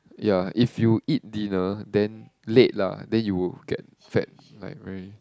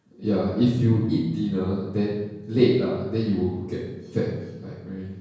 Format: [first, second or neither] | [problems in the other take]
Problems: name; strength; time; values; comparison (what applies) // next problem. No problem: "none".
first | room echo; dies away in 1 s